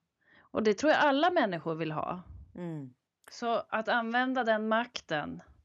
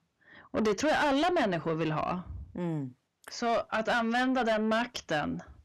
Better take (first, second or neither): first